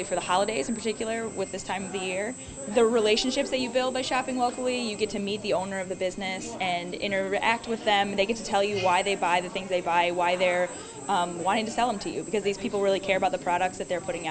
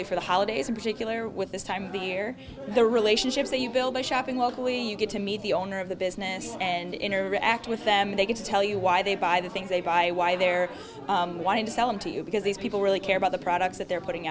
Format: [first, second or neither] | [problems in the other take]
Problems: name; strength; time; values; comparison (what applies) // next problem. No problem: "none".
second | background sound (Drill); 16 dB below the speech